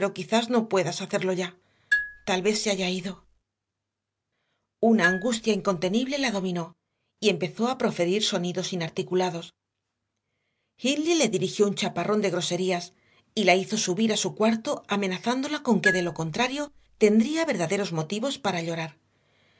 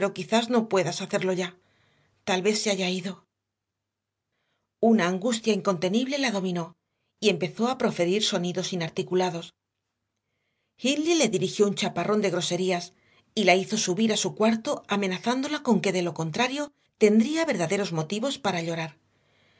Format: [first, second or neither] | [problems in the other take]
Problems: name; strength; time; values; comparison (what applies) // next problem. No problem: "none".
second | background sound (Marimba, xylophone); 6 dB below the speech